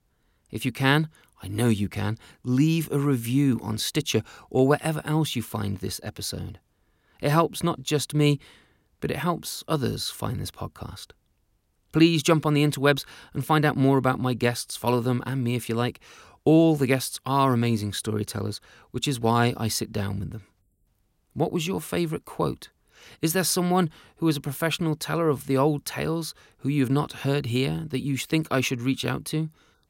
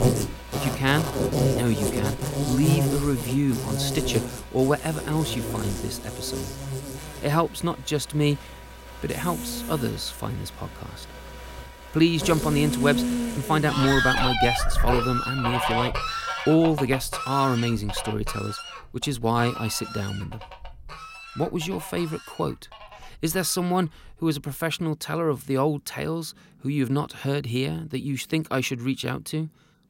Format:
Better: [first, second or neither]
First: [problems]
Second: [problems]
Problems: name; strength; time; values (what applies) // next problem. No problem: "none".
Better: first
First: none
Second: animal sounds; loud; throughout; 2 dB below the speech